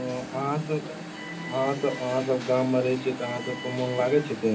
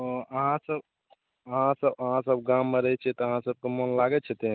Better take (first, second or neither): second